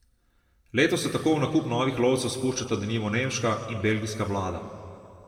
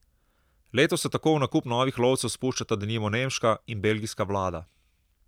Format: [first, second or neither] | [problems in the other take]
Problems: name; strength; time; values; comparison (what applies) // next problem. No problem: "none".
second | room echo; dies away in 1.8 s